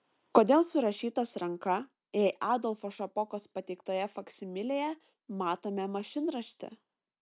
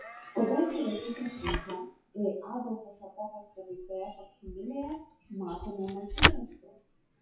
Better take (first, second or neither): first